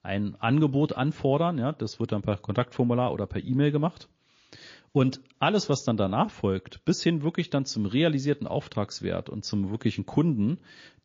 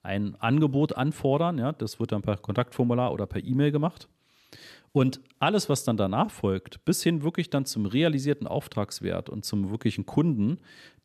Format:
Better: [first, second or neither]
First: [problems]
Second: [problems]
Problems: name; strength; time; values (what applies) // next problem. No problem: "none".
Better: second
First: garbled, watery; slightly; nothing above 6.5 kHz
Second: none